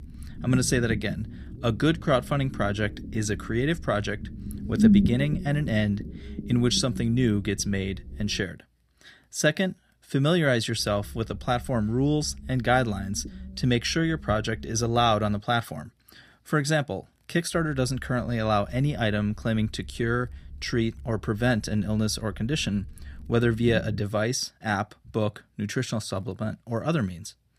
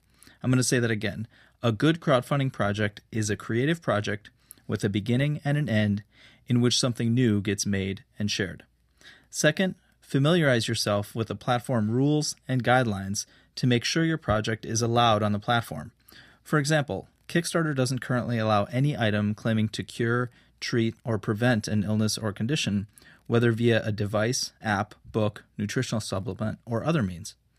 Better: second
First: low rumble; noticeable; until 8.5 s, from 11 to 15 s and from 18 to 24 s; 10 dB below the speech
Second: none

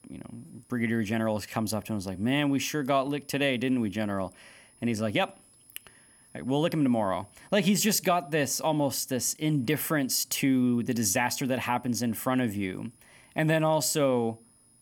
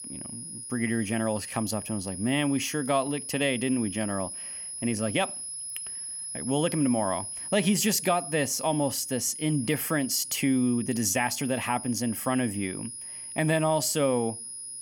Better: first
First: high-pitched whine; faint; throughout; 10.5 kHz, 30 dB below the speech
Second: high-pitched whine; loud; throughout; 10.5 kHz, 8 dB below the speech

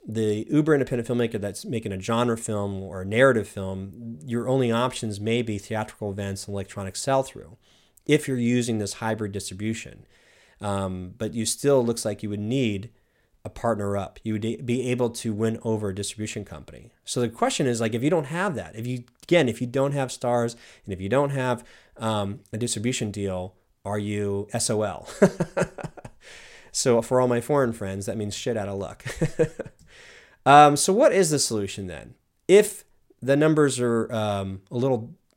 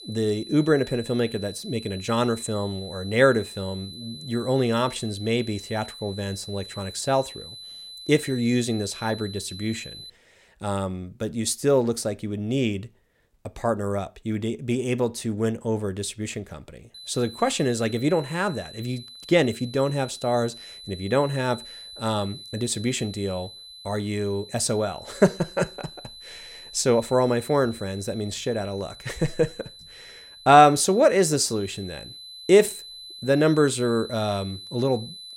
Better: first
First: none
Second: high-pitched whine; noticeable; until 10 s and from 17 s on; 4 kHz, 15 dB below the speech

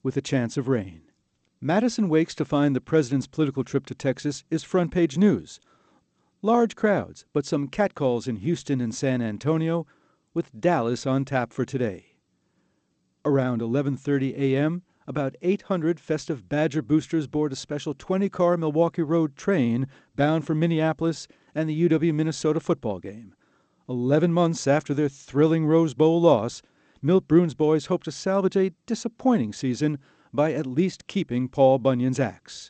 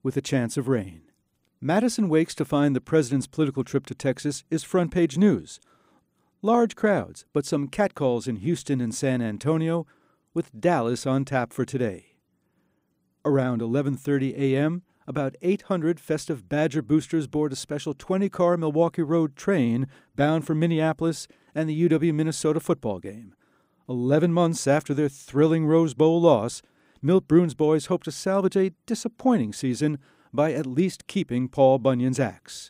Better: second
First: garbled, watery; slightly; nothing above 8 kHz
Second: none

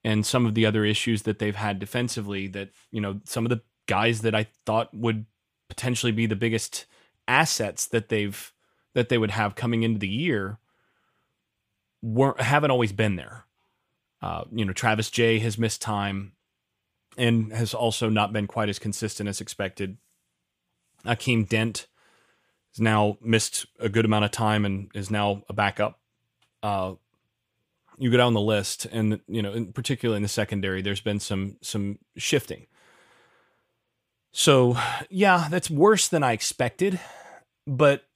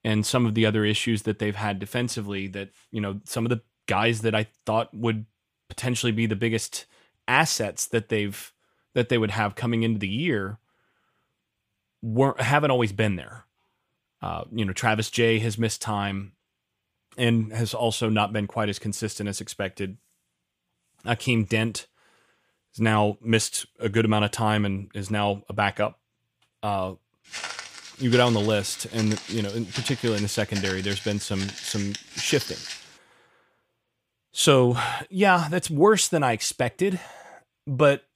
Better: first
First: none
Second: footsteps; noticeable; from 27 to 33 s; peak 6 dB below the speech

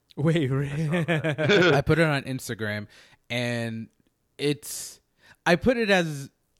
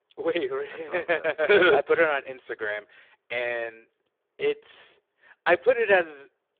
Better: first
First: none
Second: phone-call audio; poor line; nothing above 3.5 kHz

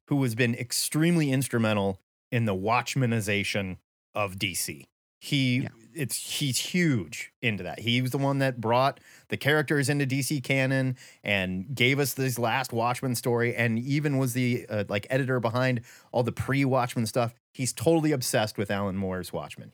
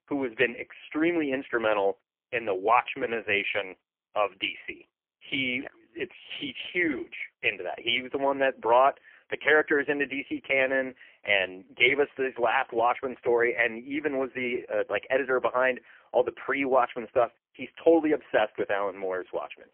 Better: first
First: none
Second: phone-call audio; poor line; nothing above 3 kHz

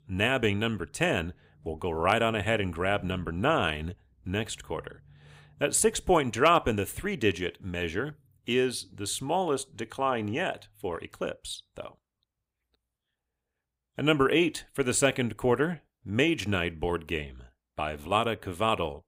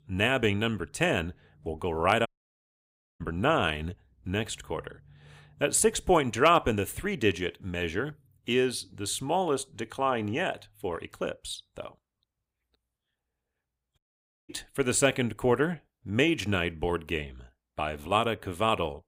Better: first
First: none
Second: audio cutting out; at 2.5 s for 1 s and at 14 s for 0.5 s

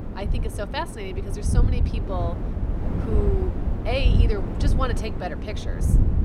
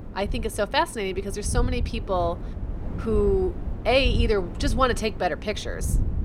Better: second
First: wind noise on the microphone; heavy; 5 dB below the speech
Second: wind noise on the microphone; occasional gusts; 15 dB below the speech

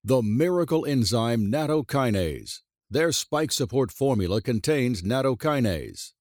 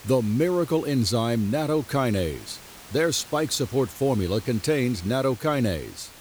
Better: first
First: none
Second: hiss; noticeable; throughout; 20 dB below the speech

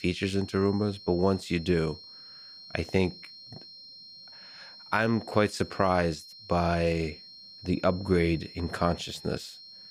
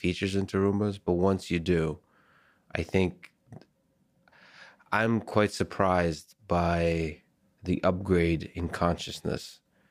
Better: second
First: high-pitched whine; noticeable; throughout; 4 kHz, 15 dB below the speech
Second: none

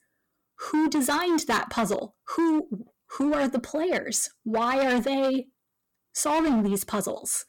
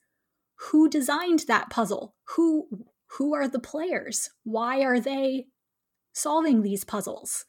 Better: second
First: distortion; heavy; 14% of the sound clipped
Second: none

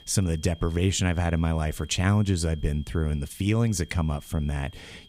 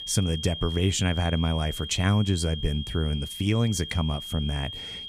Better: first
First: high-pitched whine; faint; throughout; 3 kHz, 25 dB below the speech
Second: high-pitched whine; loud; throughout; 3 kHz, 8 dB below the speech

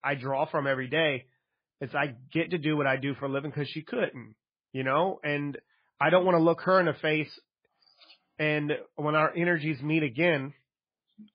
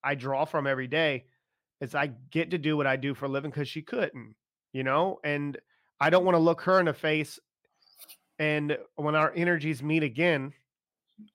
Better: second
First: garbled, watery; badly; nothing above 4.5 kHz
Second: none

